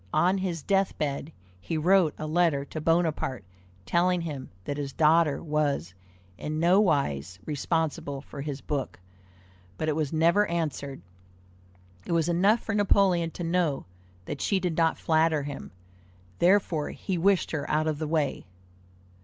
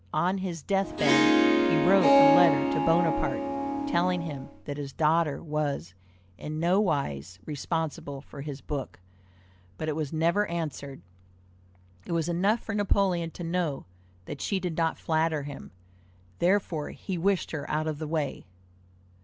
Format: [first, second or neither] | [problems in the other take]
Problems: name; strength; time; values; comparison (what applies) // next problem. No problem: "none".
first | background sound (Harp); 5 dB above the speech